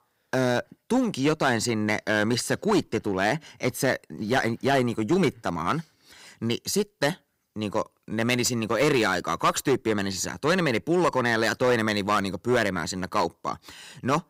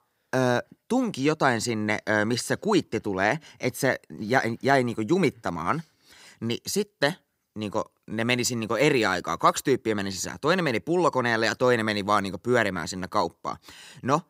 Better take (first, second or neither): second